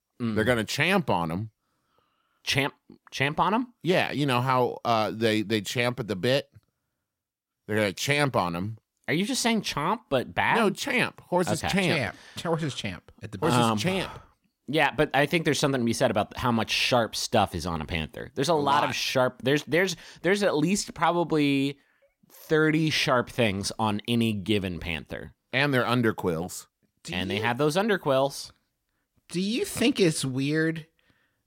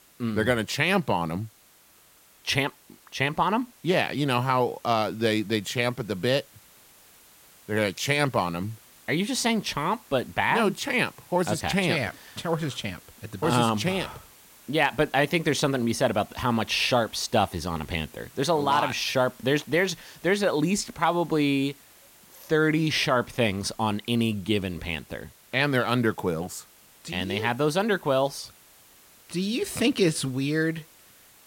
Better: first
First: none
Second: hiss; faint; throughout; 25 dB below the speech

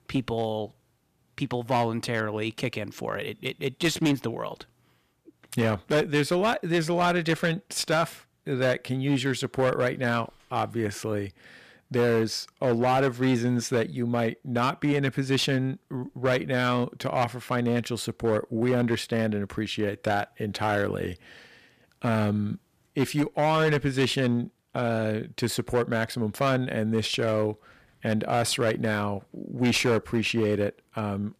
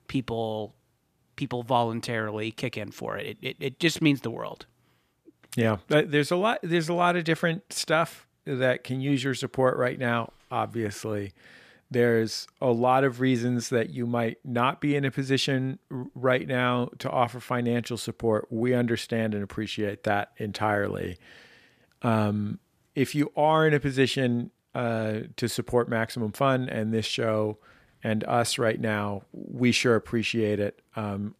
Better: second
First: distortion; slight; 7% of the sound clipped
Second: none

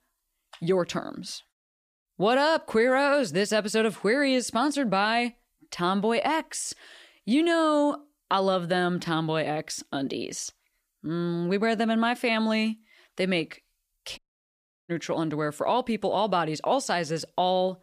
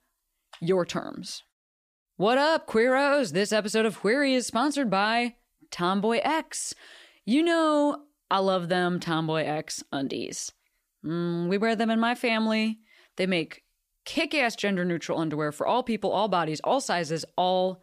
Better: second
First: audio cutting out; at 14 s for 0.5 s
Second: none

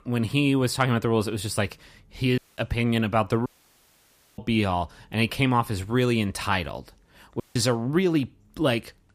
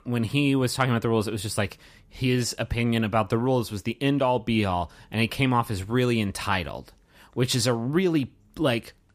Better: second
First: audio cutting out; at 2.5 s, at 3.5 s for 1 s and at 7.5 s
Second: none

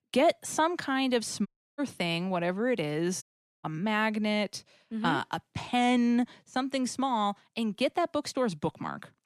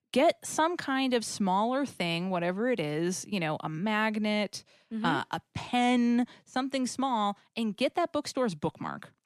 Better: second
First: audio cutting out; at 1.5 s and at 3 s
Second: none

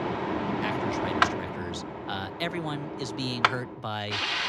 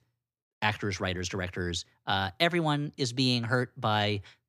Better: second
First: machinery noise; very loud; throughout; 5 dB above the speech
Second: none

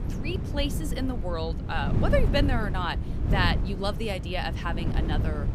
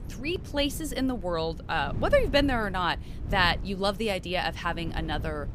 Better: second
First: wind noise on the microphone; heavy; 9 dB below the speech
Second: wind noise on the microphone; occasional gusts; 20 dB below the speech

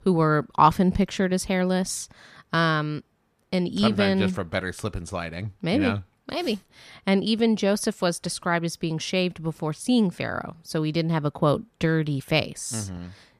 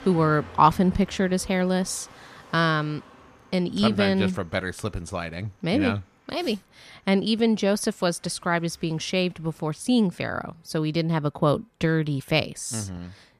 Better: first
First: none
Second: traffic noise; faint; throughout; 25 dB below the speech

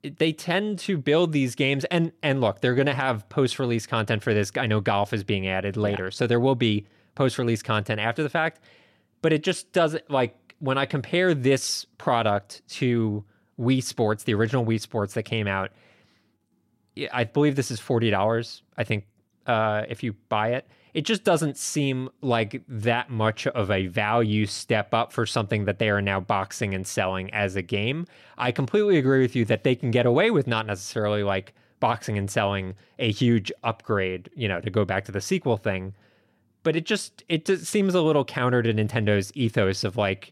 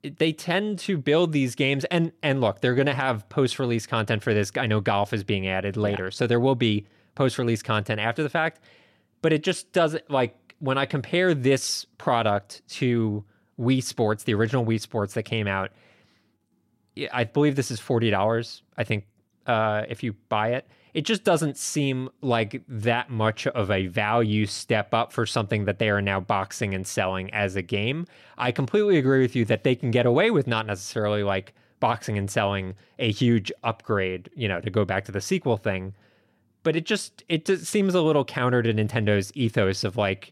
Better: neither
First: none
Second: none

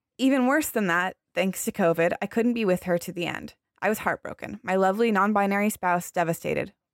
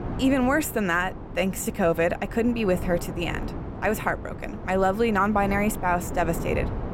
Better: first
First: none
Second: wind noise on the microphone; occasional gusts; 15 dB below the speech

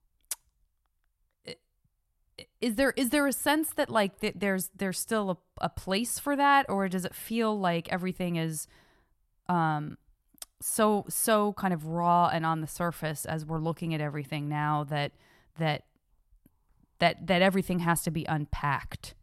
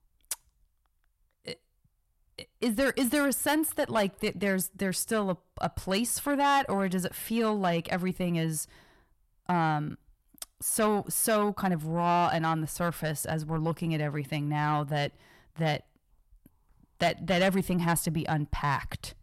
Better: first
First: none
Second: distortion; slight; 10 dB below the speech

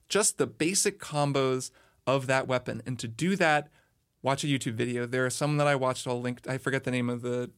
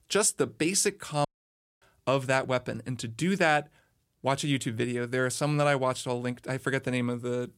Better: first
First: none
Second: audio cutting out; at 1.5 s for 0.5 s

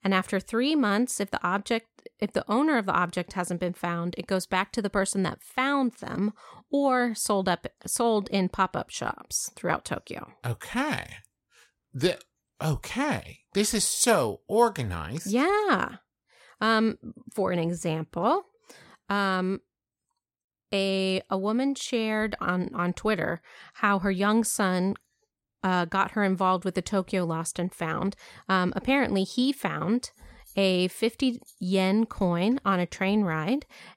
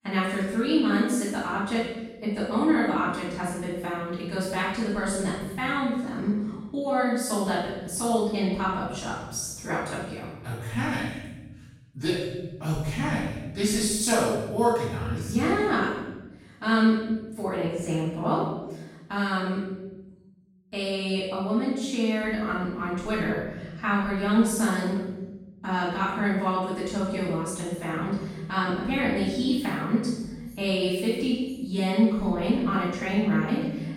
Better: first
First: none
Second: off-mic speech; far // room echo; strong; dies away in 1.3 s

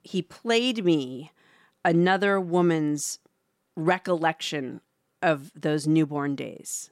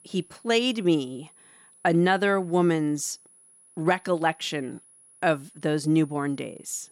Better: first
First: none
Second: high-pitched whine; faint; throughout; 10.5 kHz, 25 dB below the speech

